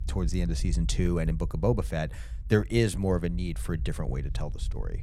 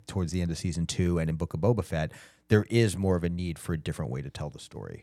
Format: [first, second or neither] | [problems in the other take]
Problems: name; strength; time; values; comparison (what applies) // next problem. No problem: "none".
second | low rumble; faint; throughout; 20 dB below the speech